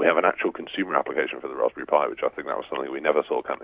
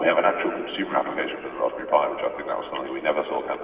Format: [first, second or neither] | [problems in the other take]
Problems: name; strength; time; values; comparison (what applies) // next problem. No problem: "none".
first | room echo; dies away in 2.9 s